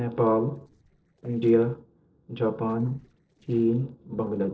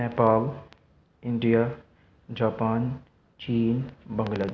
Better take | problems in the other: second | noise reduction (neural separator model SepFormer DNS4)

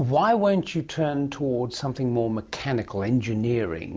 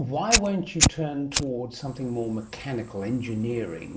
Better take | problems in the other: first | background sound (Fire); 1 dB below the speech // room echo; dies away in 0.5 s

